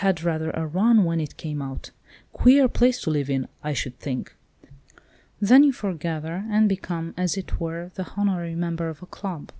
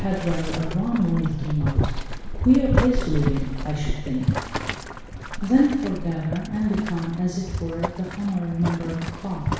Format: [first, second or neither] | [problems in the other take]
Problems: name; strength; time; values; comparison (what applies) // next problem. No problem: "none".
first | background sound (Boiling); 3 dB below the speech // room echo; dies away in 1.1 s